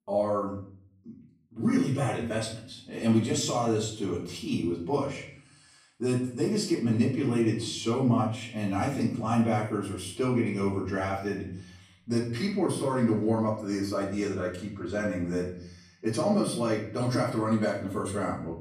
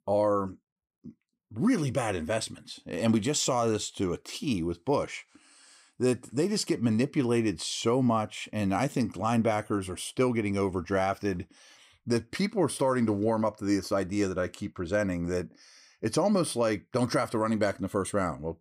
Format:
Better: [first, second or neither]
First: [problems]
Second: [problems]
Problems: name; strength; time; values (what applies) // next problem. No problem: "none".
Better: second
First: room echo; noticeable; dies away in 0.5 s // off-mic speech; far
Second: none